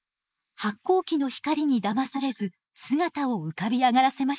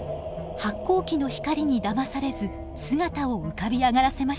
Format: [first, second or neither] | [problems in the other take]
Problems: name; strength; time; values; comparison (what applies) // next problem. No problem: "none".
second | noise reduction (neural mask model Resemble Enhance denoiser)